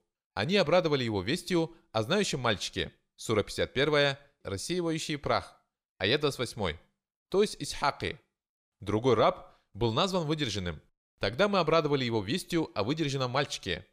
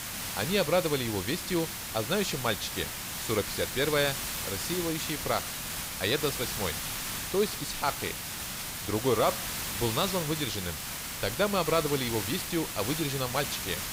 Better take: first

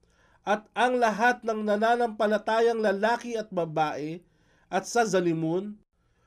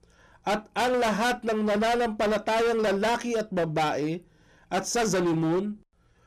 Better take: first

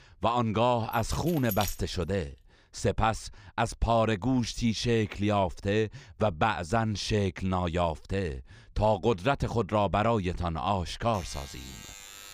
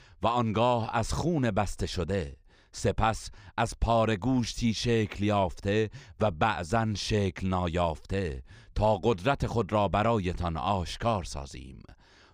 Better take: second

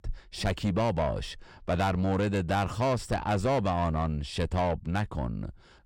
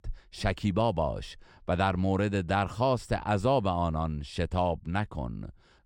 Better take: second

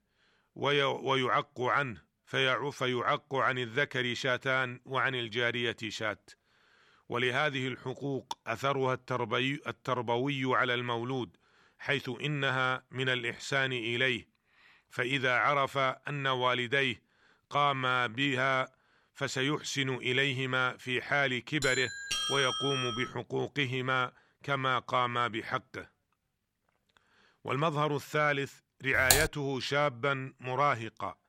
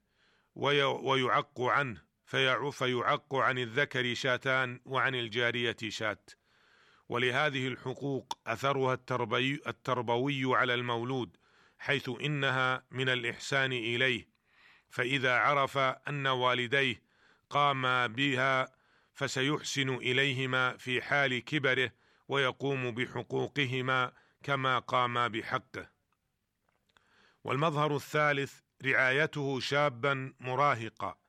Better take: second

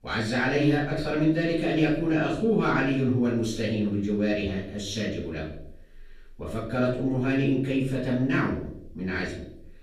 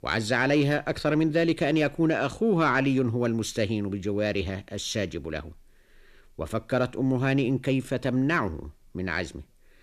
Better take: second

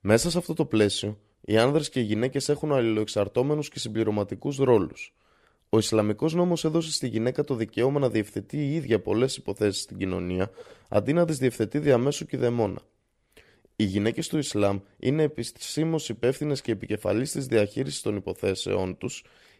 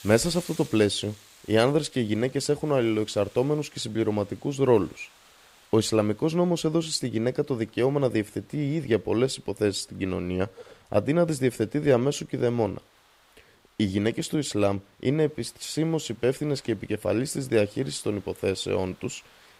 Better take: first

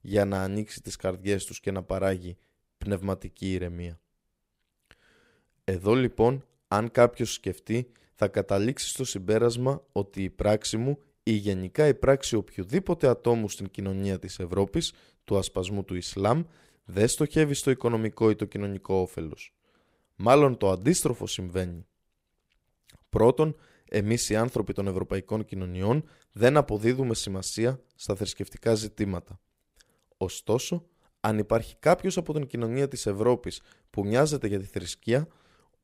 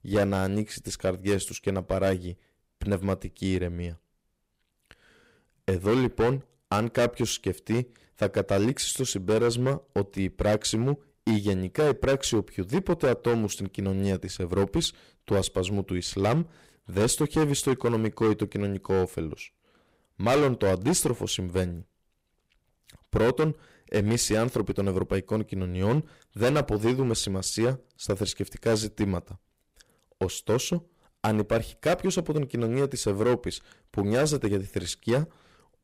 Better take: first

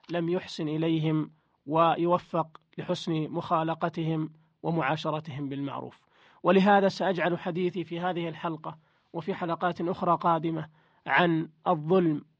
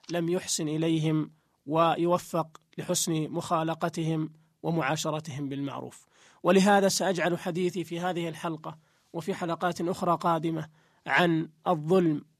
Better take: second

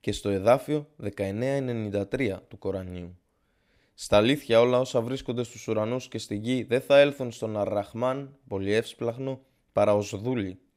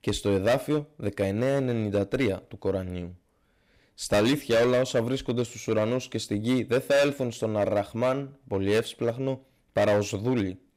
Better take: first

